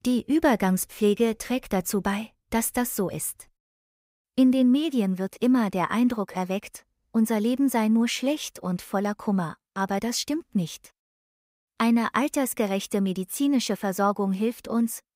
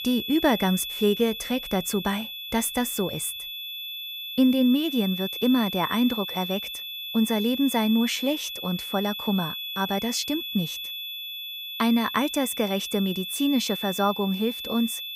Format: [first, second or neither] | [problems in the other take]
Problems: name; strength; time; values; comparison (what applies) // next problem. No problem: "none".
first | high-pitched whine; loud; throughout; 3.5 kHz, 6 dB below the speech